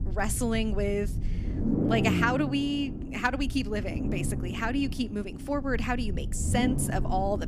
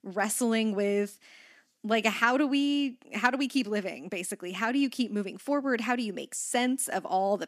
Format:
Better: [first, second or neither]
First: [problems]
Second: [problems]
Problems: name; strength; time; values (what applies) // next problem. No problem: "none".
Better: second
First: low rumble; loud; throughout; 9 dB below the speech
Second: none